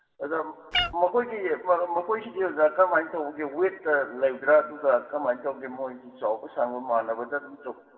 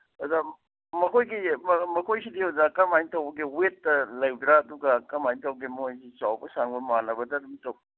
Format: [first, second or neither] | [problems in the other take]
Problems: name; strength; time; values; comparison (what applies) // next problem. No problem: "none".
second | background sound (Meow); 4 dB below the speech // room echo; dies away in 1.6 s